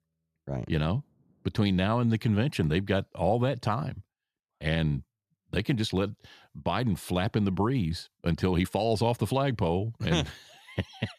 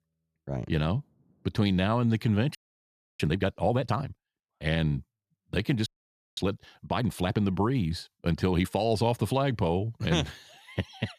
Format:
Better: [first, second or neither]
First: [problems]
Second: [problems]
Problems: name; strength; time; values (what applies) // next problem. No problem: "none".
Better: first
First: none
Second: audio freezing; at 2.5 s for 0.5 s and at 6 s for 0.5 s